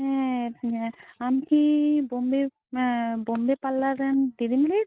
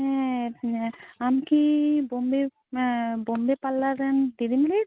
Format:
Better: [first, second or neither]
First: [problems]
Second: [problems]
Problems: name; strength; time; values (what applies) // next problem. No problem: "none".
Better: second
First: noise reduction (neural mask model DeepFilterNet 3)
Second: none